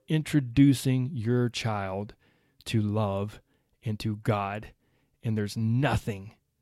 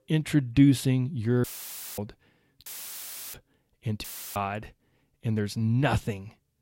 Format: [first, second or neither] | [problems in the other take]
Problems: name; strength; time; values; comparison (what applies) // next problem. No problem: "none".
first | audio cutting out; filled with static; at 1.5 s for 0.5 s, at 2.5 s for 0.5 s and at 4 s